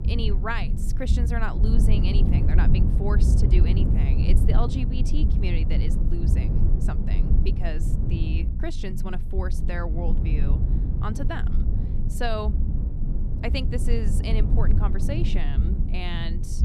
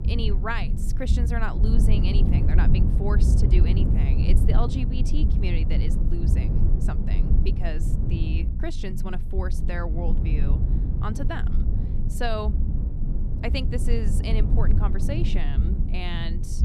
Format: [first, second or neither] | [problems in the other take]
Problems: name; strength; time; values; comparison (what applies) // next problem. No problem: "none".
neither | low rumble; loud; throughout; 4 dB below the speech; the same in both